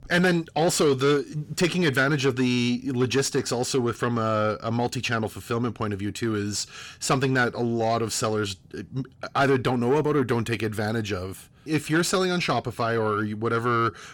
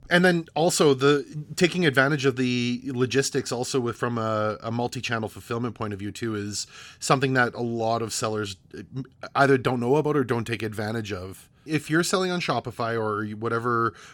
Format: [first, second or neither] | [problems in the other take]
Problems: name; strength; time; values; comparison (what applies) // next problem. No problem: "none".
second | distortion; slight; 10 dB below the speech